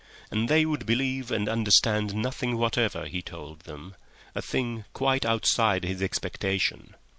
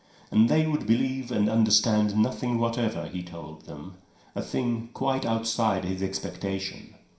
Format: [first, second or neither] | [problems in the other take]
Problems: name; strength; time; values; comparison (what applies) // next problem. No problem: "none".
first | room echo; dies away in 0.5 s